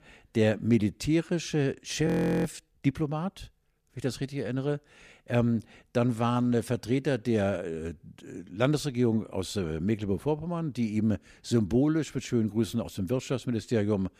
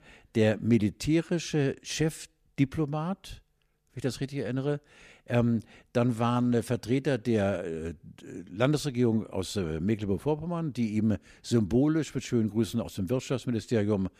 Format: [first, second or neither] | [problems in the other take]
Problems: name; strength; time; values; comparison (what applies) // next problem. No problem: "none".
second | audio freezing; at 2 s